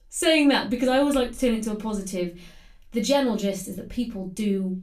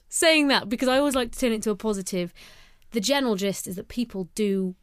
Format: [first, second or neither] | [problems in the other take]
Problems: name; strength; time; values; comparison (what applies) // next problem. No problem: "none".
second | off-mic speech; far // room echo; very slight; dies away in 0.2 s